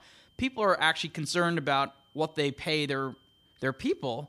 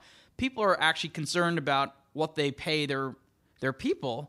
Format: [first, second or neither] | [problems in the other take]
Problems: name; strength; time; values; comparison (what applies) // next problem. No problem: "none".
second | high-pitched whine; faint; throughout; 3 kHz, 35 dB below the speech